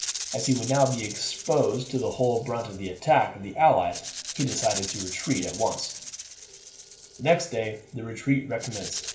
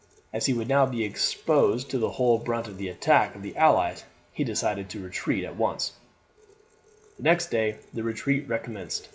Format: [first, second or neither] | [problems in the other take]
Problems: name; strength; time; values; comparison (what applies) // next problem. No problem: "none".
second | background sound (Rattle (instrument)); 11 dB below the speech // room echo; dies away in 0.3 s